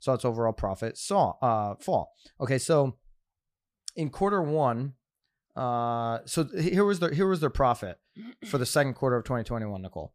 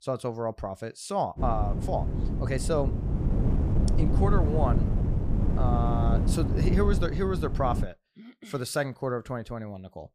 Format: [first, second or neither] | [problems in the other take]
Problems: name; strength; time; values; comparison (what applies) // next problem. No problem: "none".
first | wind noise on the microphone; heavy; from 1.5 to 8 s; 6 dB below the speech